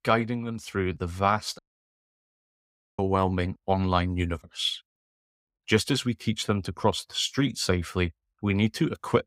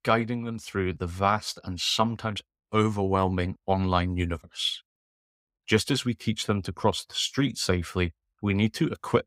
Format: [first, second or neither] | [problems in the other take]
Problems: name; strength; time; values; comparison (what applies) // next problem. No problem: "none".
second | audio cutting out; at 1.5 s for 1.5 s